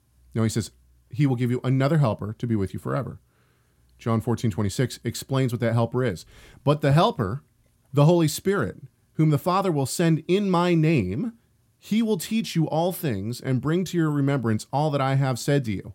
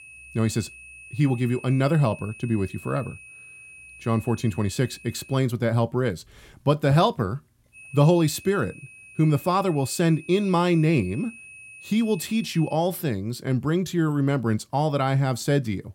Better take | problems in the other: first | high-pitched whine; noticeable; until 5.5 s and from 8 to 13 s; 2.5 kHz, 20 dB below the speech

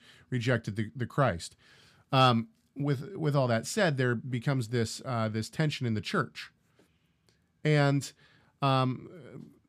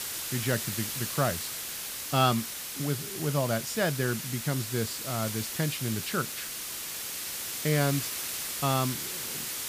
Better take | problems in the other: first | hiss; loud; throughout; 3 dB below the speech

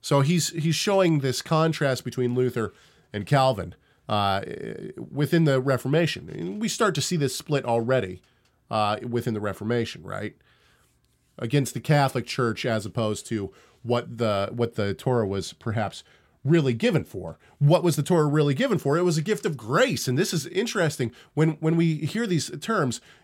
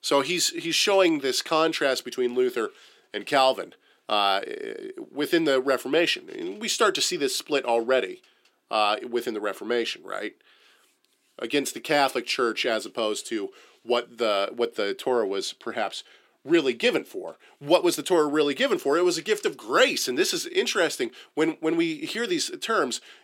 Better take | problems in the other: first | thin; somewhat; fading below 300 Hz

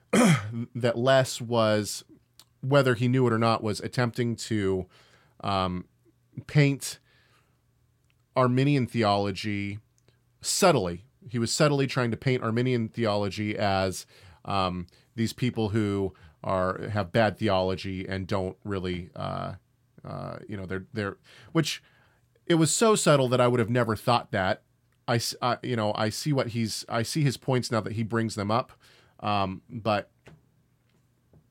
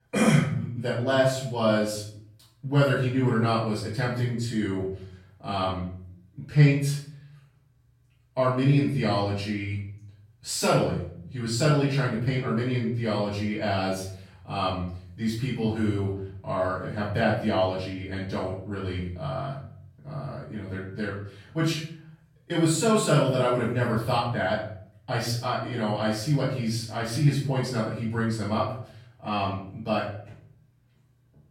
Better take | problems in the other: first | off-mic speech; far // room echo; noticeable; dies away in 0.5 s

